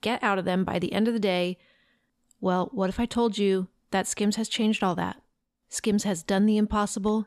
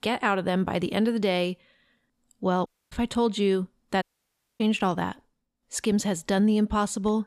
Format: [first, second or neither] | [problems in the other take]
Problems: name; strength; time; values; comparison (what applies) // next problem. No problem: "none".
first | audio cutting out; at 2.5 s and at 4 s for 0.5 s